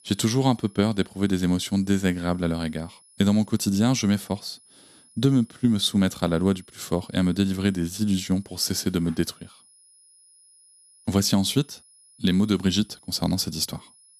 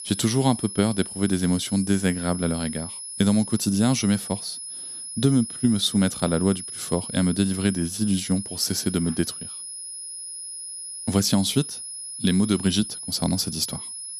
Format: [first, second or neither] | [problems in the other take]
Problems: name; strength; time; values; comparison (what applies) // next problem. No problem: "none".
first | high-pitched whine; loud; throughout; 10.5 kHz, 9 dB below the speech; faint in the first